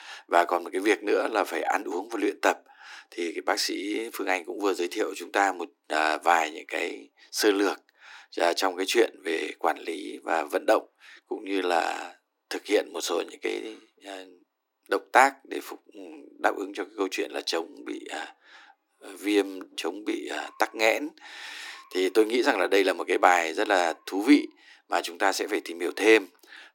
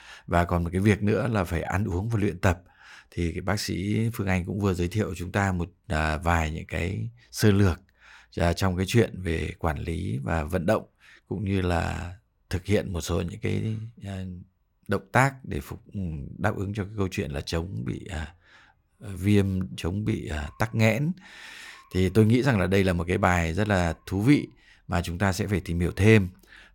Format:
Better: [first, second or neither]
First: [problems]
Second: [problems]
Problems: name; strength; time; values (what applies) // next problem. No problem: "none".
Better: second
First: thin; somewhat; fading below 300 Hz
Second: none